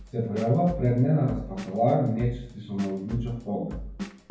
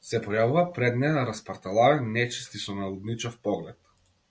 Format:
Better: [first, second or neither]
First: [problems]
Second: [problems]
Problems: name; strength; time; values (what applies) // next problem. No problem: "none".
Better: second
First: background sound (Drum kit); 12 dB below the speech // room echo; dies away in 0.9 s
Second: none